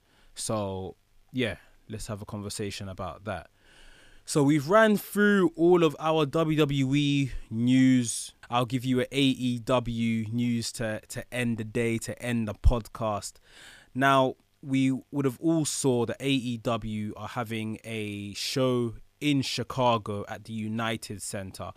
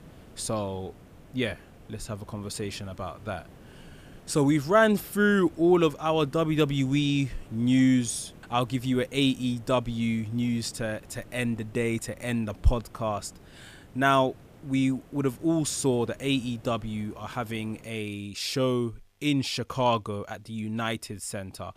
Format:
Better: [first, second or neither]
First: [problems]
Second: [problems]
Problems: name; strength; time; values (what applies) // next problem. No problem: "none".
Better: first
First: none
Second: hiss; faint; until 18 s; 25 dB below the speech